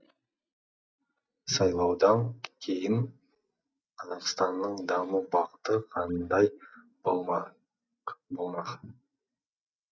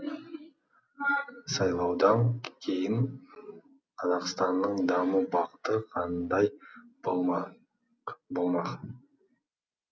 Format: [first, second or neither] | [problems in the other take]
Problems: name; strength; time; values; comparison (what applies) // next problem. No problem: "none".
second | noise reduction (neural mask model DeepFilterNet 3)